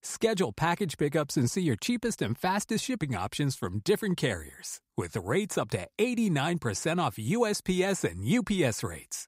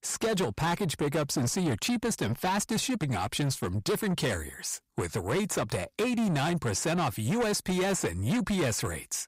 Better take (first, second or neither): first